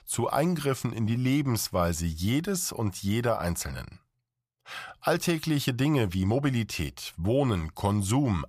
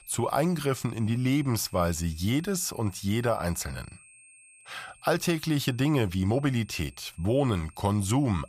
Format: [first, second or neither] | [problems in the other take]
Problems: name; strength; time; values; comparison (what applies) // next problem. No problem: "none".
first | high-pitched whine; faint; throughout; 8.5 kHz, 25 dB below the speech